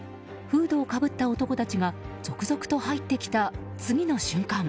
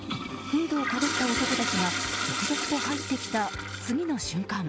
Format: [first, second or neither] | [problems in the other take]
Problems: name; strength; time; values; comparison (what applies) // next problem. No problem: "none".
first | background sound (Toilet flush); 2 dB below the speech